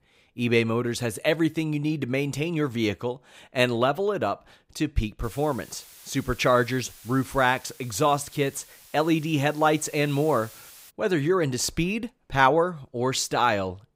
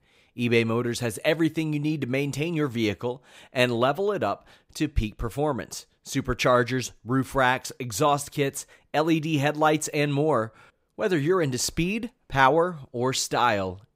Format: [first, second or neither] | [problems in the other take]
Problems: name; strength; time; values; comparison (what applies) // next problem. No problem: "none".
second | hiss; faint; from 5 to 11 s; 20 dB below the speech